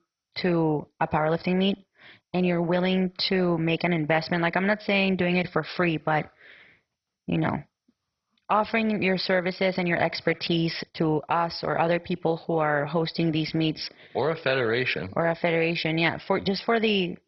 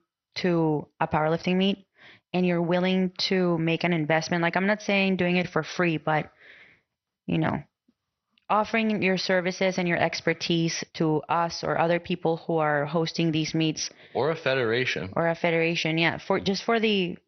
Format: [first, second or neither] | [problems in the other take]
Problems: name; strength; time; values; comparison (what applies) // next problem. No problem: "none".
second | garbled, watery; badly; nothing above 5.5 kHz; slightly in the second